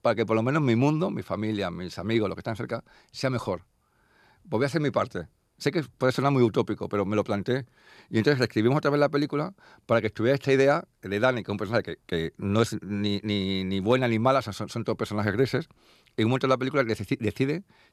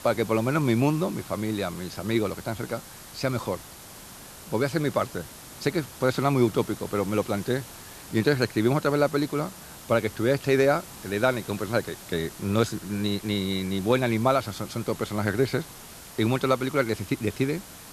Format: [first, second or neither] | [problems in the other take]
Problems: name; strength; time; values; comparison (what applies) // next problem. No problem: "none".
first | hiss; noticeable; throughout; 15 dB below the speech